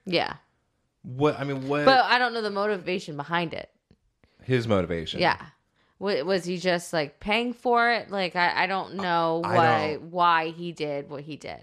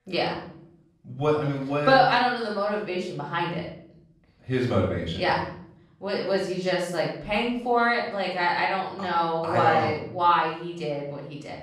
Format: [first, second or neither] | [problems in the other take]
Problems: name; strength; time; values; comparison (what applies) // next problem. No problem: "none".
first | off-mic speech; far // room echo; noticeable; dies away in 0.6 s